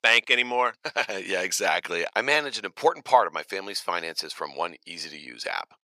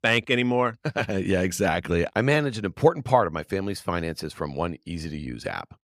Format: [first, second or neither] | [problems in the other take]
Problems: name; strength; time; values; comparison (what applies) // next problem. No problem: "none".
second | thin; very; fading below 600 Hz